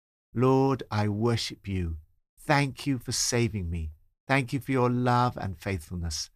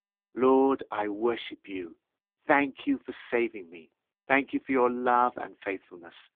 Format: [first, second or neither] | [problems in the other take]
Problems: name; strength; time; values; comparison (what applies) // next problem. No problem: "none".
first | phone-call audio; poor line; nothing above 3.5 kHz